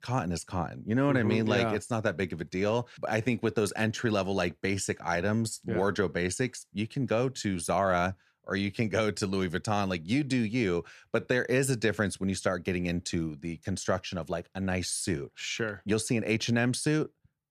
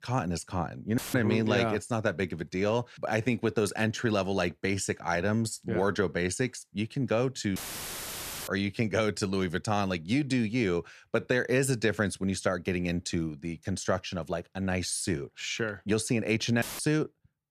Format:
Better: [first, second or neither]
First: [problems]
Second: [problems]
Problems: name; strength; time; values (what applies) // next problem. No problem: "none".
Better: first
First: none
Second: audio cutting out; filled with static; at 1 s, at 7.5 s for 1 s and at 17 s